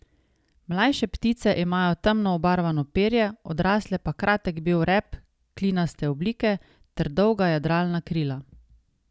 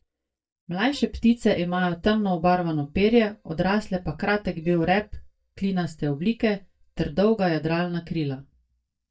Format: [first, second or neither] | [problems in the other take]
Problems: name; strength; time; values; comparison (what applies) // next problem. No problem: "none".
first | noise reduction (neural mask model DeepFilterNet 3)